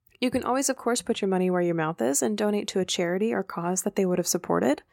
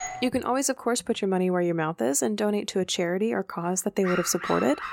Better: first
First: none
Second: doorbell; noticeable; at the start; peak 9 dB below the speech // dog barking; noticeable; at 4 s; peak 6 dB below the speech

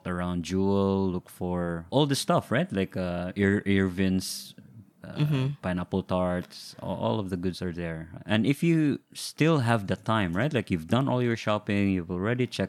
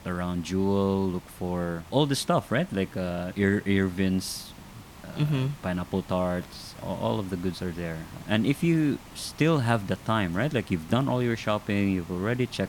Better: first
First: none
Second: hiss; noticeable; throughout; 20 dB below the speech

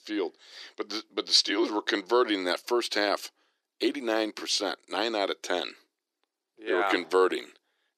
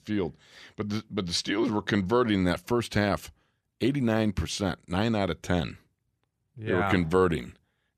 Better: second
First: thin; somewhat; fading below 300 Hz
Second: none

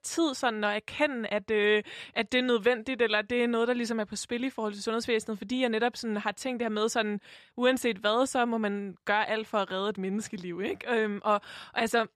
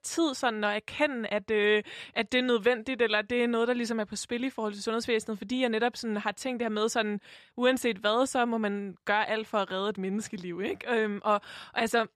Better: neither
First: none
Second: none

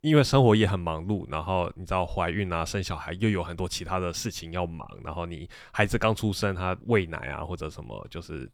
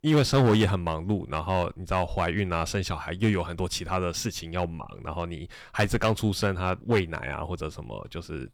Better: first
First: none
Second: distortion; slight; 3% of the sound clipped

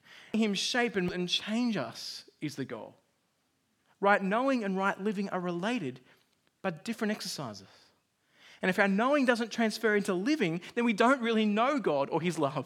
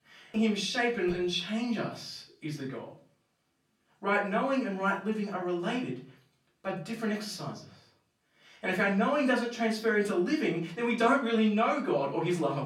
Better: first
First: none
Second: off-mic speech; far // room echo; slight; dies away in 0.3 s

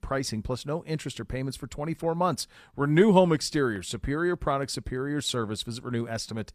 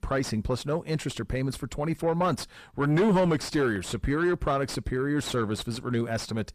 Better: first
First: none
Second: distortion; heavy; 6 dB below the speech

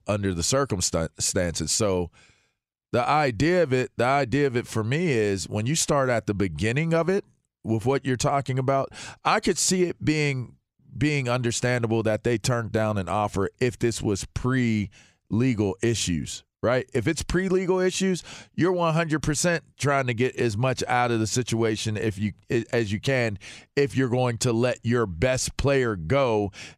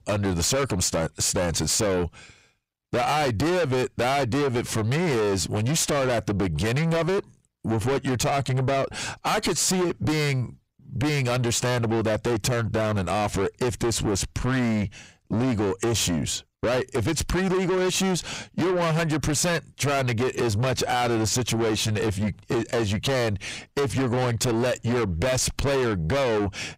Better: first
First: none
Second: distortion; heavy; 6 dB below the speech

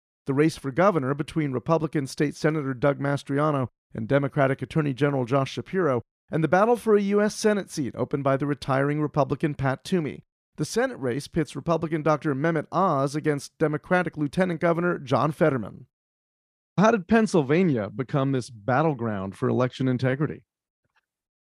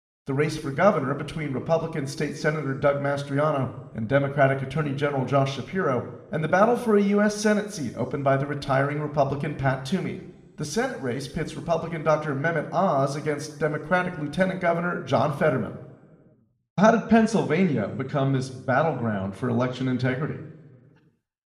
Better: first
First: none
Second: room echo; slight; dies away in 0.9 s

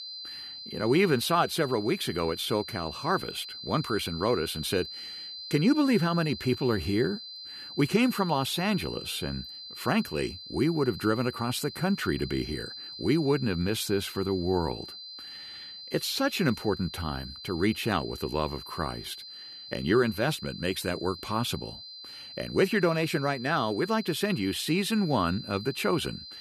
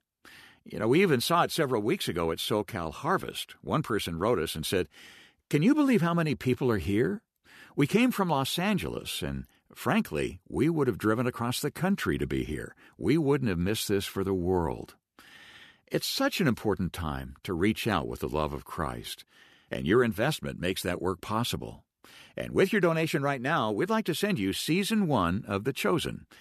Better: second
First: high-pitched whine; noticeable; throughout; 4 kHz, 10 dB below the speech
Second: none

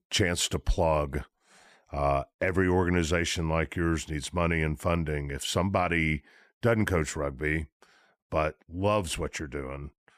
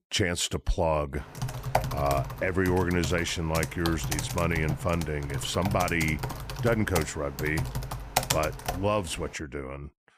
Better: first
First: none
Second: keyboard typing; loud; from 1.5 to 9 s; peak 2 dB above the speech

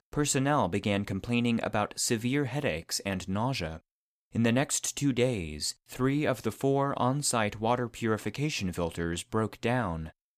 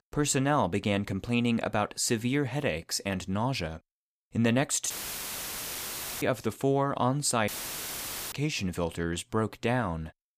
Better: first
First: none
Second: audio cutting out; filled with static; at 5 s for 1.5 s and at 7.5 s for 1 s

